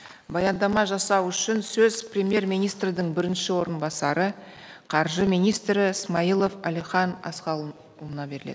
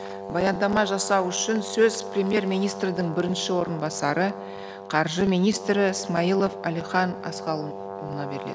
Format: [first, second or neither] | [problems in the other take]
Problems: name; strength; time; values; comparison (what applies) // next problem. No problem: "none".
first | background sound (Brass instrument); 11 dB below the speech